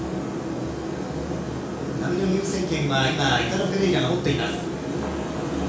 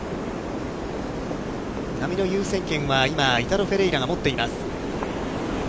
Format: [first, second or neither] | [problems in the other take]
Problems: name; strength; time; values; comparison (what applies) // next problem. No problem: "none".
second | room echo; dies away in 0.6 s